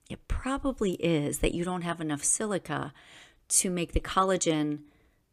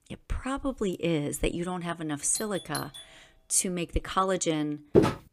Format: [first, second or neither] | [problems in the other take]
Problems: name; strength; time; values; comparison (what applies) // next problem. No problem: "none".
first | doorbell; noticeable; at 2.5 s; peak 9 dB below the speech // footsteps; loud; at 5 s; peak 6 dB above the speech